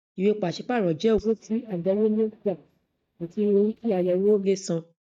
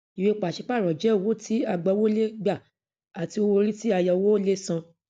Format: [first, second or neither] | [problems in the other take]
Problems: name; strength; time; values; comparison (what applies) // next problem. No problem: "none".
second | noise reduction (neural mask model DeepFilterNet 3)